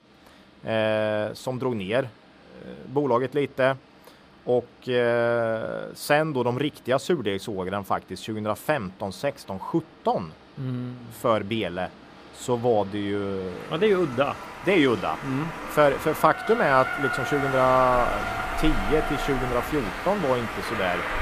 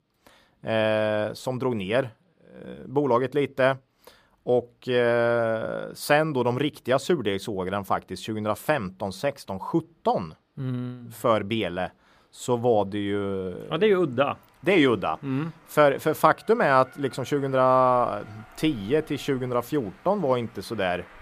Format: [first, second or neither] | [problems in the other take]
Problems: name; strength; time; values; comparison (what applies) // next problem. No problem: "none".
second | train or aircraft noise; loud; throughout; 6 dB below the speech; faint in the second